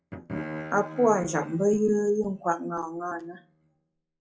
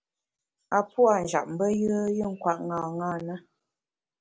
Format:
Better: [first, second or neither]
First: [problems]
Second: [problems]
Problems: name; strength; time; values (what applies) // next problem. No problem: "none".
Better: second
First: noise reduction (classical method WPE with log-MMSE)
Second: none